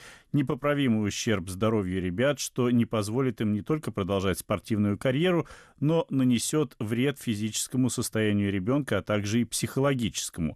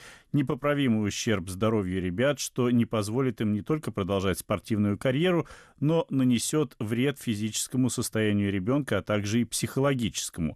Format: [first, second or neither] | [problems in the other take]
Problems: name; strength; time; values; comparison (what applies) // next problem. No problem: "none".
neither | none